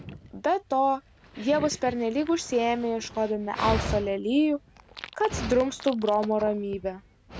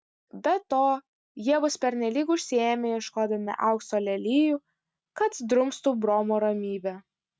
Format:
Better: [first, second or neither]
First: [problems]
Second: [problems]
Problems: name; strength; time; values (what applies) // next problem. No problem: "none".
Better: second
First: background sound (Dog); 11 dB below the speech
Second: none